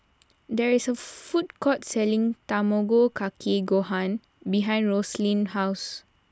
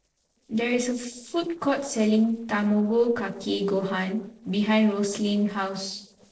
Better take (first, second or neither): first